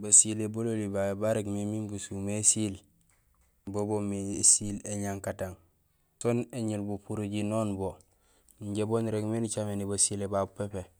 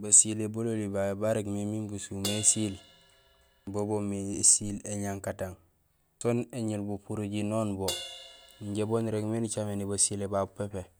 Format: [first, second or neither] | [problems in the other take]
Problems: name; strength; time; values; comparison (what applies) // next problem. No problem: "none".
first | background sound (Crash cymbal); 18 dB below the speech